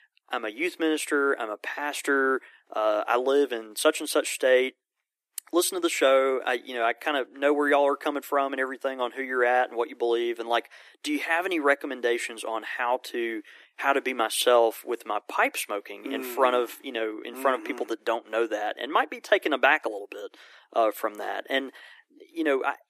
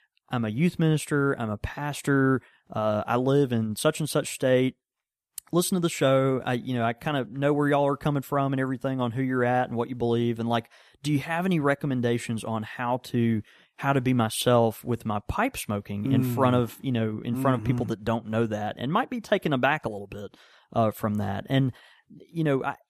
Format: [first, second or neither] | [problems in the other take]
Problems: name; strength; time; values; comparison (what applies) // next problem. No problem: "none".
second | thin; somewhat; fading below 300 Hz